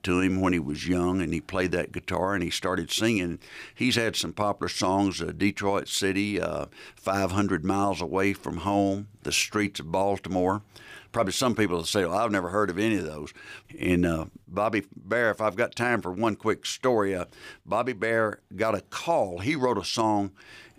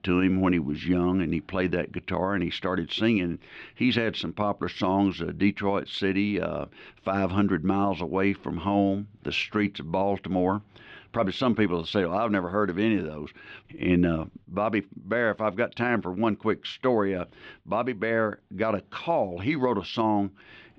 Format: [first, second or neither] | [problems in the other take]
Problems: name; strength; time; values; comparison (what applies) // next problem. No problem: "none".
first | muffled; slightly; fading above 3.5 kHz